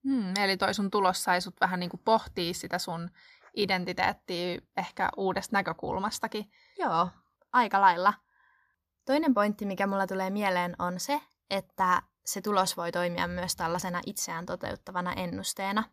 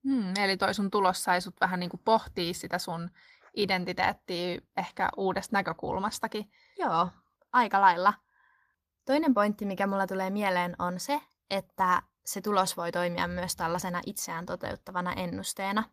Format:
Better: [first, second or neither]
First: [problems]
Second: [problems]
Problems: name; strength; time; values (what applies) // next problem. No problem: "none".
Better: first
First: none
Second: garbled, watery; slightly; nothing above 14.5 kHz